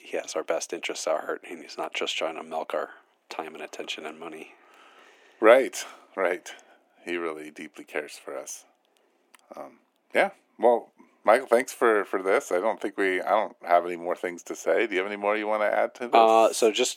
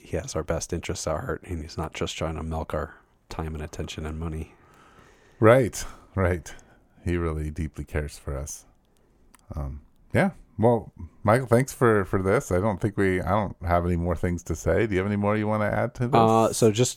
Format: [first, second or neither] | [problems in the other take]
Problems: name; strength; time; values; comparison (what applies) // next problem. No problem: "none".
second | thin; very; fading below 300 Hz